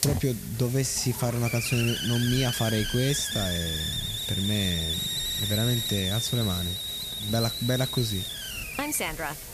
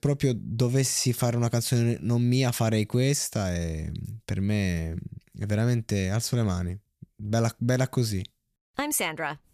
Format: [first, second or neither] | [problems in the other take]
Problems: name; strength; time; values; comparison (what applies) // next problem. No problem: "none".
second | hiss; loud; throughout; 1 dB below the speech